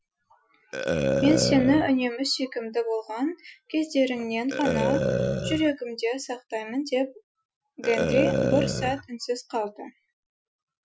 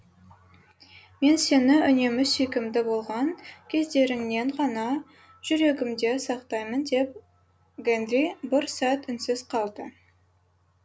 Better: second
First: noise reduction (classical method Wiener filter)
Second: none

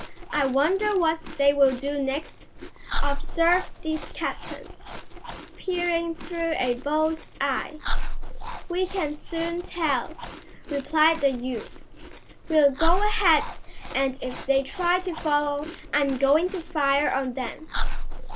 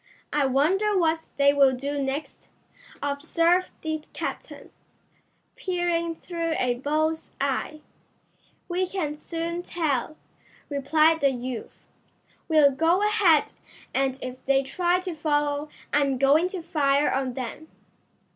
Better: second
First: background sound (Chewing, mastication); 3 dB below the speech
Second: none

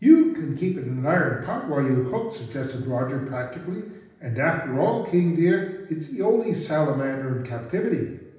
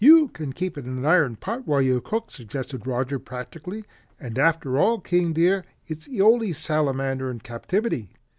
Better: second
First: room echo; dies away in 0.9 s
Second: none

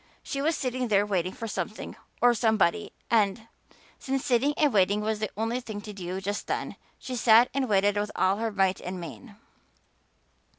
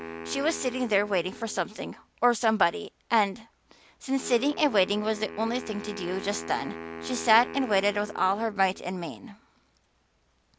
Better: first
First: none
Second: background sound (Wind instrument, woodwind instrument); 14 dB below the speech

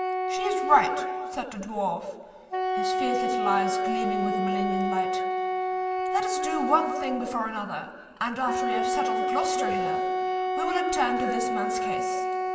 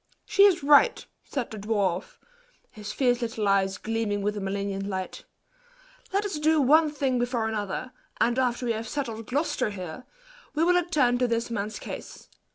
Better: second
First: background sound (Wind instrument, woodwind instrument); 2 dB above the speech // room echo; dies away in 2 s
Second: none

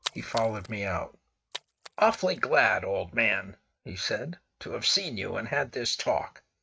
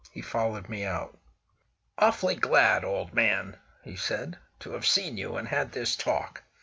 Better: second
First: noise reduction (neural mask model RNNoise)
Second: none

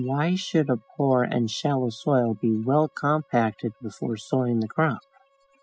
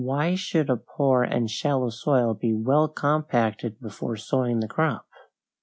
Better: second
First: noise reduction (classical method spectral subtraction)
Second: none

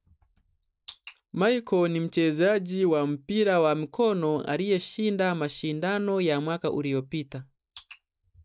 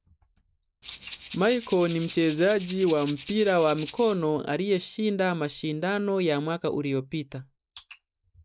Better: first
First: none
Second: background sound (Rattle (instrument)); 17 dB below the speech

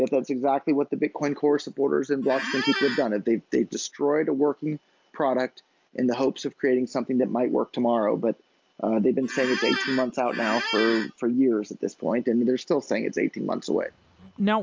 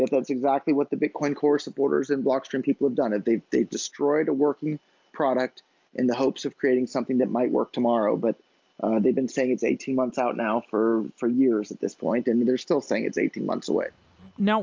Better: second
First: background sound (Squeak); 5 dB below the speech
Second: none

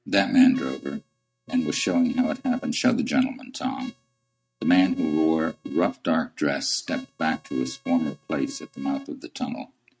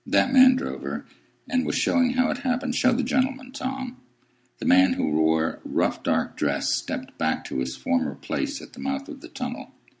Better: second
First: noise reduction (neural mask model RNNoise)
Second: none

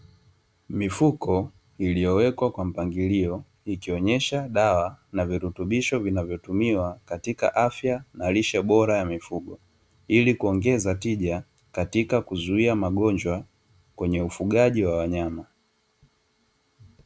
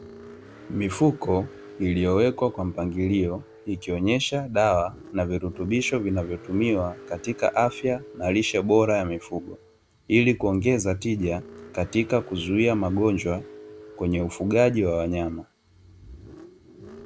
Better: first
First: none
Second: background sound (Car); 20 dB below the speech

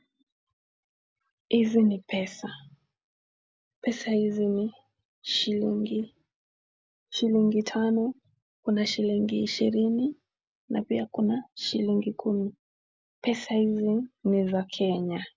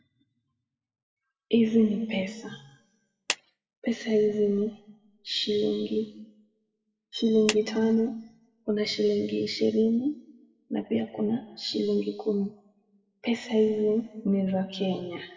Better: first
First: none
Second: noise reduction (classical method WPE with log-MMSE)

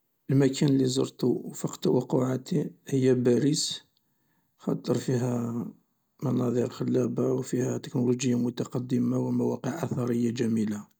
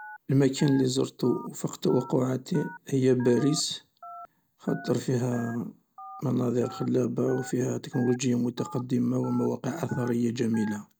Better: first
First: none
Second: background sound (Telephone); 19 dB below the speech

